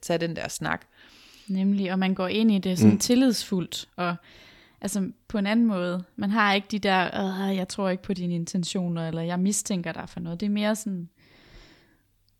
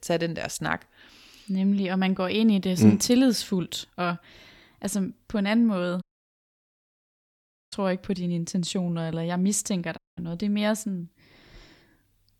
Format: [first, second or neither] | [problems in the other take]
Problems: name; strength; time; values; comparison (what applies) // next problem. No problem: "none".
first | audio cutting out; at 6 s for 1.5 s and at 10 s